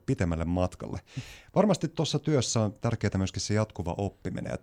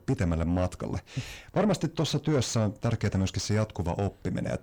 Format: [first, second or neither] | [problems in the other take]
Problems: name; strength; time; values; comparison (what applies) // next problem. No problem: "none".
first | distortion; slight; 10 dB below the speech